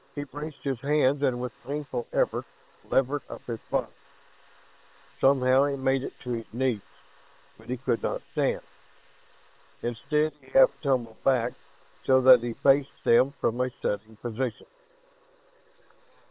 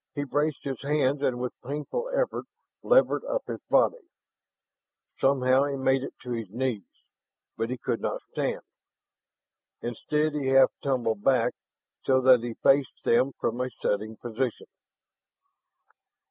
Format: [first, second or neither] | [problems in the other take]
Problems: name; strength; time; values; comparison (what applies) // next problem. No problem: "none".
second | noise reduction (neural separator model SepFormer WHAM!)